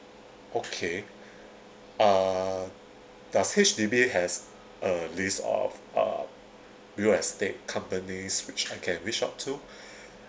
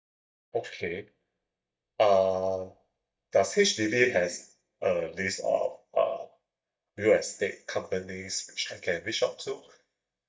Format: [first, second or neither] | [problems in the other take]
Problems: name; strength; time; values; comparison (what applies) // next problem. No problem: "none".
first | noise reduction (neural mask model DeepFilterNet 3)